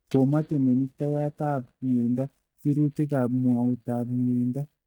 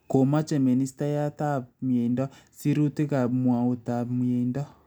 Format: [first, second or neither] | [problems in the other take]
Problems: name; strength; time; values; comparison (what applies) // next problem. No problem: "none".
second | noise reduction (neural mask model DeepFilterNet 3)